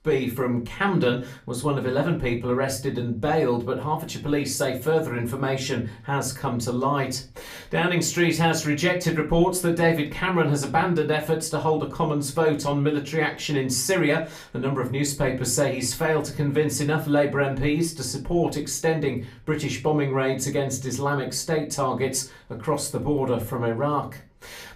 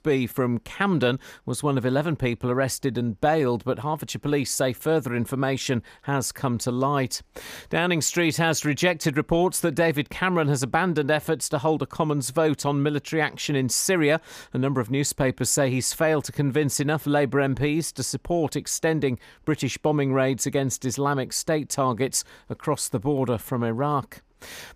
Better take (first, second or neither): second